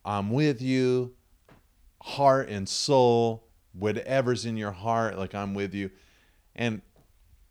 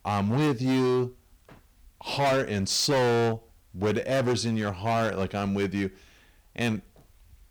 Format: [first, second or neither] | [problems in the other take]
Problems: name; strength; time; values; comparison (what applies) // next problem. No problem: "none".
first | distortion; heavy; 14% of the sound clipped